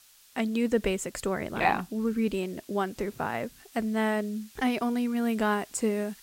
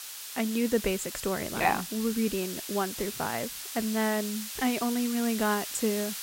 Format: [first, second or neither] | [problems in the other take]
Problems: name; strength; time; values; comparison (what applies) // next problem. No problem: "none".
first | hiss; loud; throughout; 6 dB below the speech; faint in the first